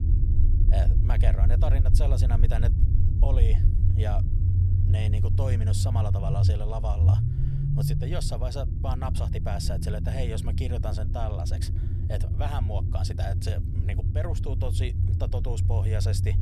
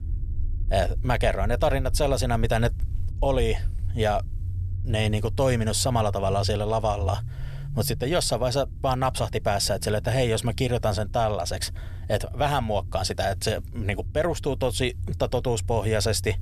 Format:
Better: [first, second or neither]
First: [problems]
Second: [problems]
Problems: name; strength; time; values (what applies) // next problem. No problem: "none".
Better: second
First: low rumble; loud; throughout; 3 dB below the speech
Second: low rumble; faint; throughout; 25 dB below the speech